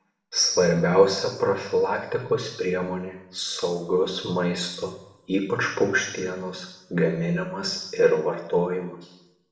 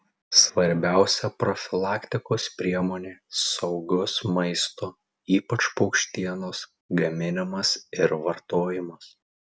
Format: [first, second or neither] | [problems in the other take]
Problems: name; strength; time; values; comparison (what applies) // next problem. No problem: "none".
second | room echo; dies away in 0.8 s